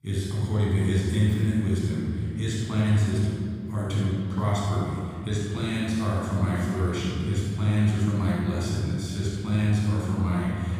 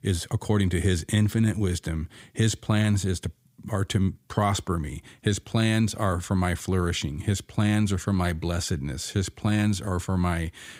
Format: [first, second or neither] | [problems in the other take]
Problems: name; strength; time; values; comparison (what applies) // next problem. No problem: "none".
second | off-mic speech; far // room echo; strong; dies away in 2.7 s